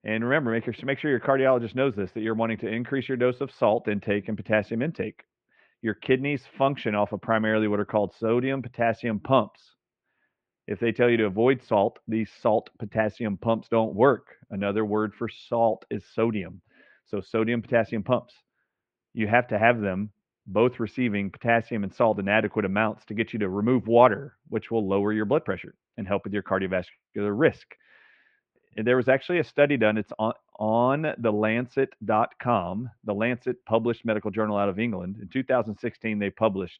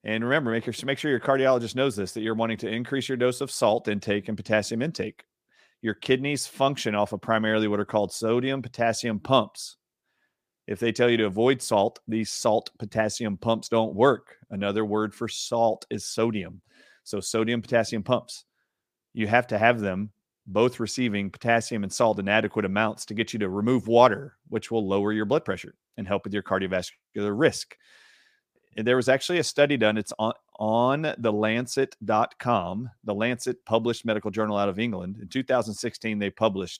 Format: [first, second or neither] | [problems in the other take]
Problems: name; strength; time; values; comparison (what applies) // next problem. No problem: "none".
second | muffled; very; fading above 2.5 kHz